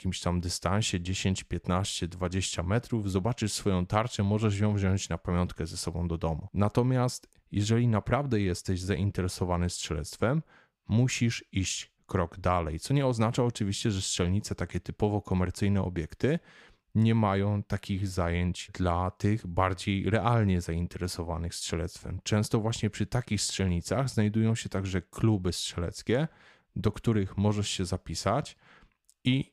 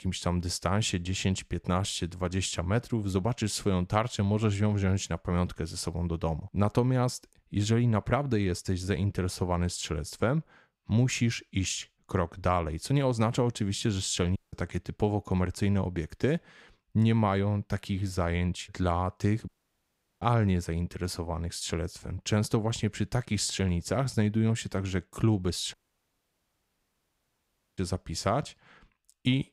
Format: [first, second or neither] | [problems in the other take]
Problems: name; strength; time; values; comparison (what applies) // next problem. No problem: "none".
first | audio cutting out; at 14 s, at 19 s for 0.5 s and at 26 s for 2 s